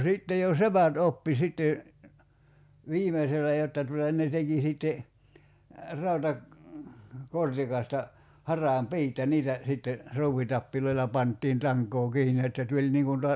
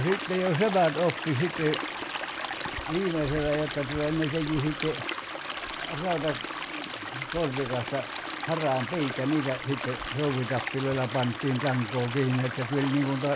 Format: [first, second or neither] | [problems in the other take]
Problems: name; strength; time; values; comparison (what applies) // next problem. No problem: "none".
first | background sound (Stream); 6 dB below the speech